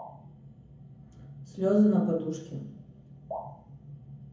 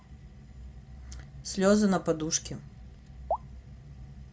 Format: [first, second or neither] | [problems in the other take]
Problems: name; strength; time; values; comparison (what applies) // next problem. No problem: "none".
second | room echo; dies away in 0.7 s